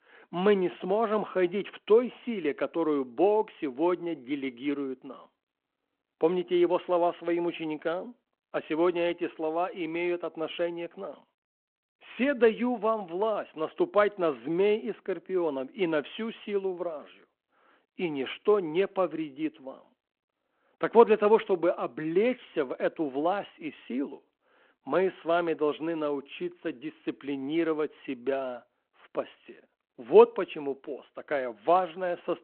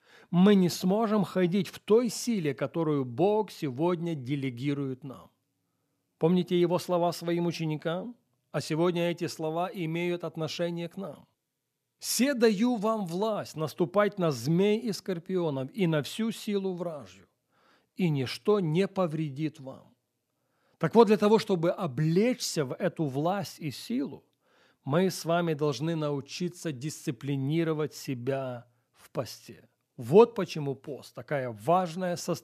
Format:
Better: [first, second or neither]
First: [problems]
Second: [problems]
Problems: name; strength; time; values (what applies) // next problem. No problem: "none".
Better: second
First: phone-call audio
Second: none